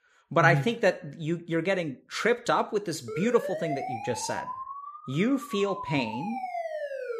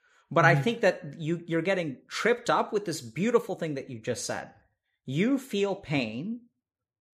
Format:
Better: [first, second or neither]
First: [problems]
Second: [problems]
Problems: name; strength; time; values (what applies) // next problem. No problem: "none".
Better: second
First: siren; noticeable; from 3 s on; peak 6 dB below the speech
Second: none